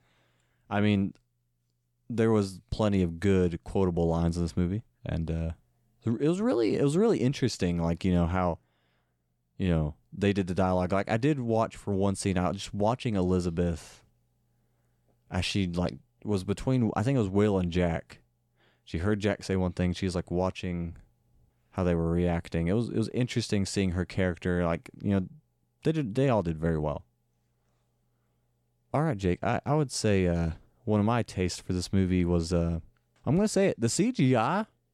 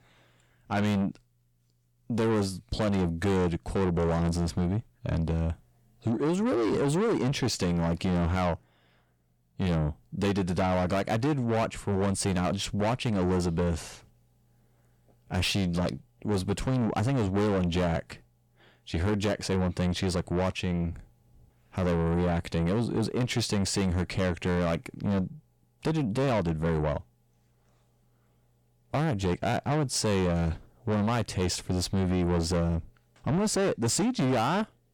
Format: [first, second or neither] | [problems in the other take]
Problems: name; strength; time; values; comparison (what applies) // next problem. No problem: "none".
first | distortion; heavy; 7 dB below the speech